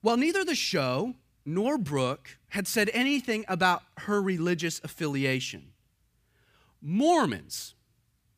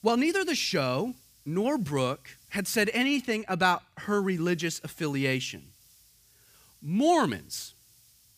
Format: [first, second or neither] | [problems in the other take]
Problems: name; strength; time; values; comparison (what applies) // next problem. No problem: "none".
first | hiss; faint; until 3 s and from 4 s on; 30 dB below the speech